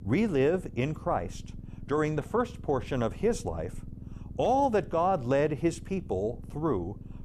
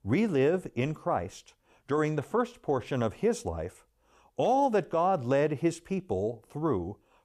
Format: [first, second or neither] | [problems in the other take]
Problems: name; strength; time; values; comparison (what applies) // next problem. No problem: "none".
second | low rumble; faint; throughout; 25 dB below the speech